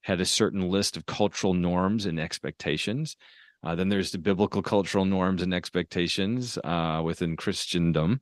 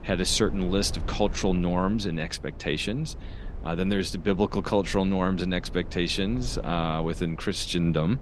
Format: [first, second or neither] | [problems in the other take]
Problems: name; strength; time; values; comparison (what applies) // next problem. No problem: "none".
first | low rumble; noticeable; throughout; 20 dB below the speech